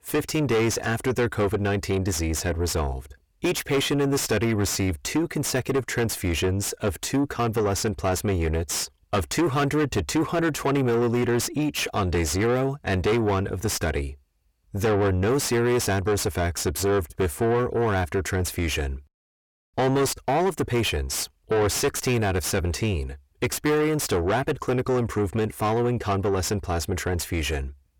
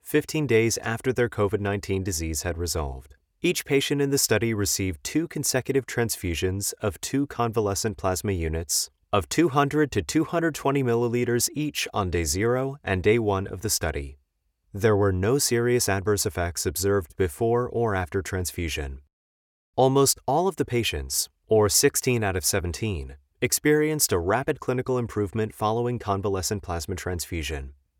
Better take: second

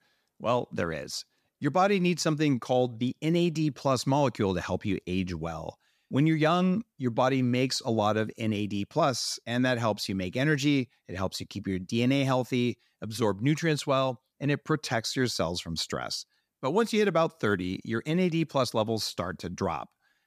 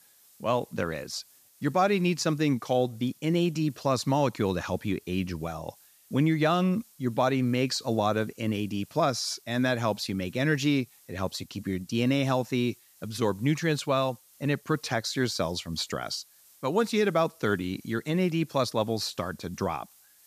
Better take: first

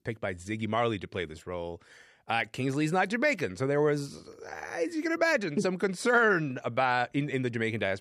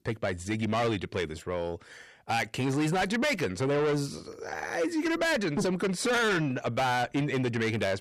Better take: first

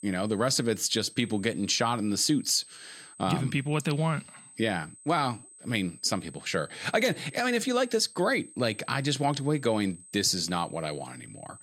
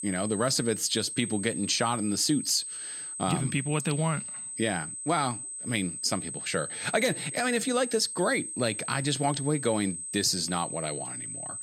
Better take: first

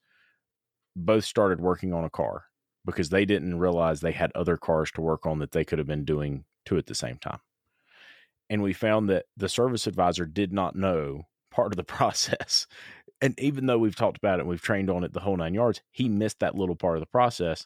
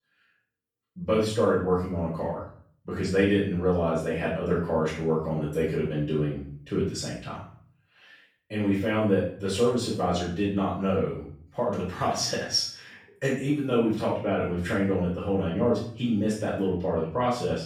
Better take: first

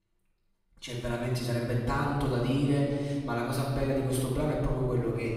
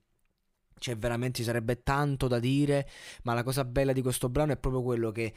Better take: second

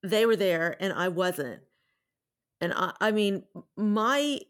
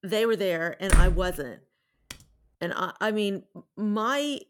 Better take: first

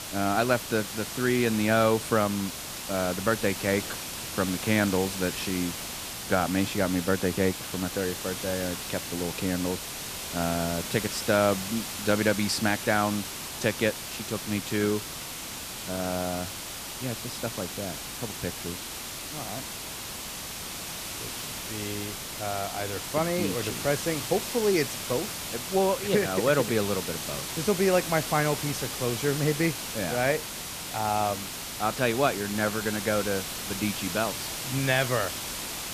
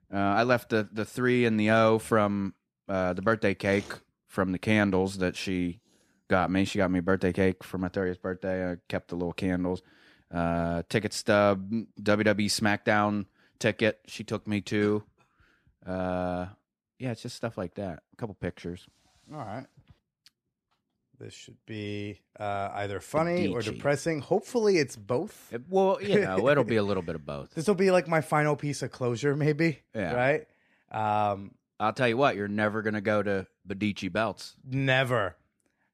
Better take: second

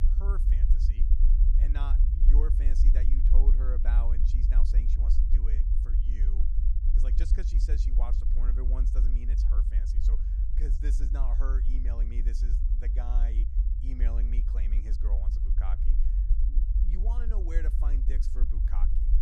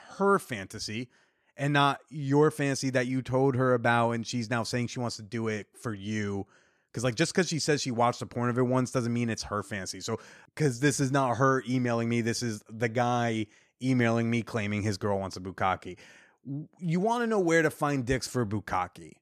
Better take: second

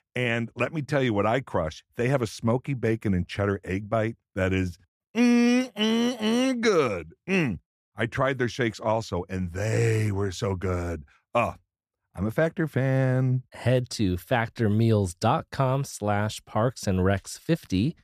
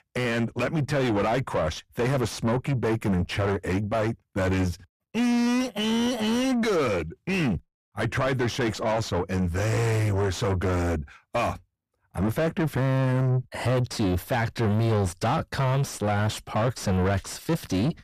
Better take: first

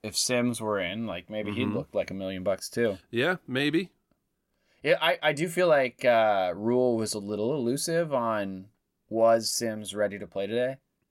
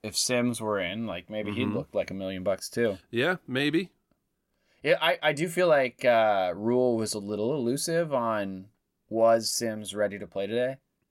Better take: neither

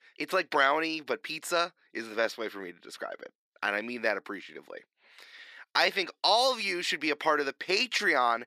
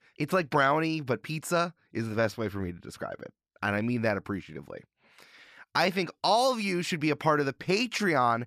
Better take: second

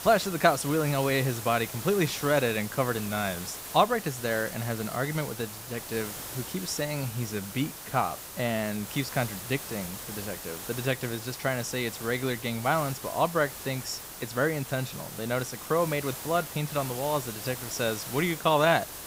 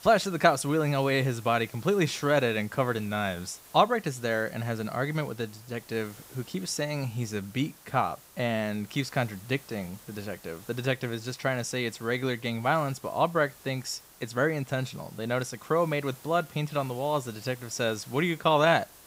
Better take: second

